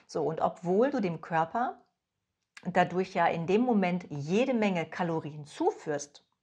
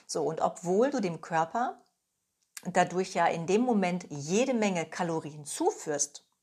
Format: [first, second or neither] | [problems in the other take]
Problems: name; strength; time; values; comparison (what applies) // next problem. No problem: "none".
second | muffled; slightly; fading above 3 kHz